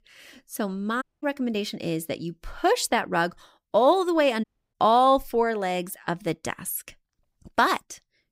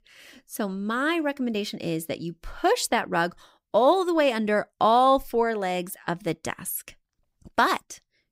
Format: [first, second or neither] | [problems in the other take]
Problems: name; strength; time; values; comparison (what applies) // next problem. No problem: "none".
second | audio cutting out; at 1 s and at 4.5 s